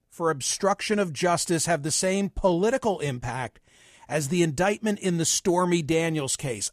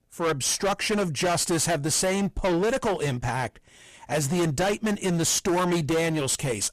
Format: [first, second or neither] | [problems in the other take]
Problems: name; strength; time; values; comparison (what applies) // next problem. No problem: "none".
first | distortion; heavy; 22% of the sound clipped